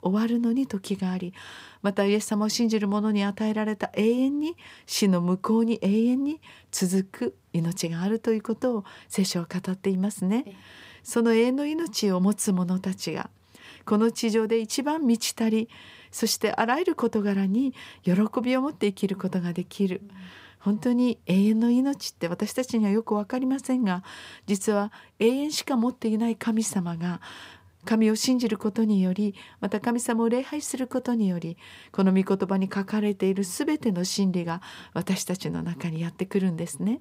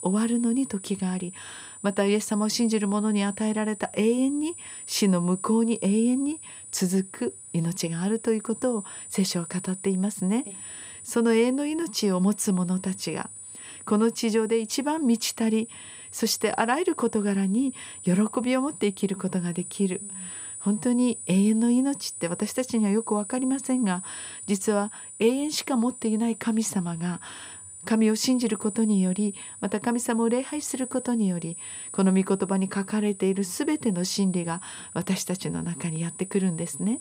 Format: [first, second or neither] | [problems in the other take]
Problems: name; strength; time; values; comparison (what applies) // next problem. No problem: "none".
first | high-pitched whine; noticeable; throughout; 9.5 kHz, 10 dB below the speech